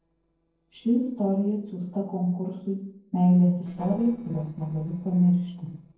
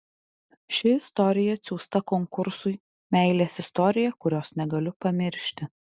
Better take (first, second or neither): second